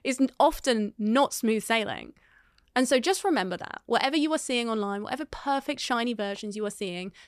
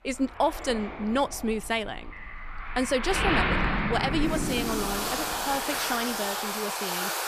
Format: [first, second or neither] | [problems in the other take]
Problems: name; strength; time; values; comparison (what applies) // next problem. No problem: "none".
first | rain or running water; very loud; throughout; 1 dB above the speech